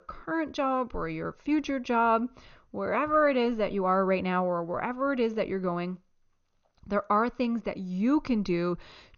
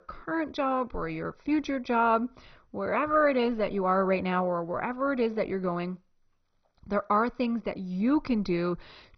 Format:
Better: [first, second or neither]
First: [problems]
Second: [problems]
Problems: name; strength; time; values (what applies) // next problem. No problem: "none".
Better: first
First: garbled, watery; slightly; nothing above 6.5 kHz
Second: garbled, watery; badly; nothing above 6 kHz